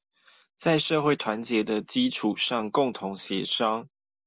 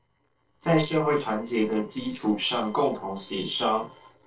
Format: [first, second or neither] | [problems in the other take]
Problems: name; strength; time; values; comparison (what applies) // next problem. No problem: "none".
first | noise reduction (neural separator model SepFormer DNS4)